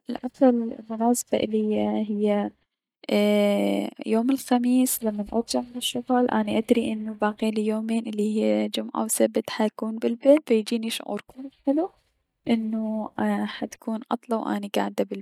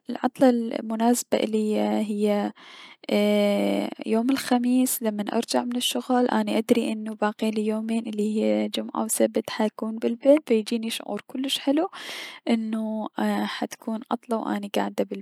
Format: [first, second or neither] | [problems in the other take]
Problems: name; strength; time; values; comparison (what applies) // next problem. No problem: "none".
second | noise reduction (neural mask model DeepFilterNet 3)